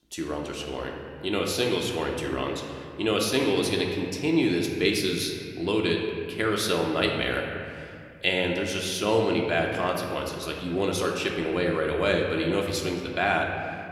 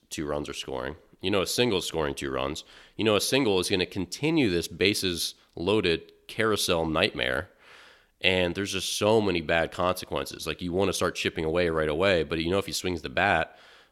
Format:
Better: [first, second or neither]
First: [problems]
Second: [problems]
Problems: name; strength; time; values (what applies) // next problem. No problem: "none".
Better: second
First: room echo; noticeable; dies away in 2 s // off-mic speech; somewhat distant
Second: none